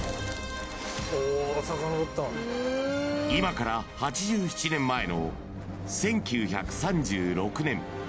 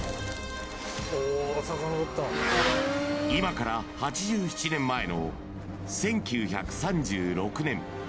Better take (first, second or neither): first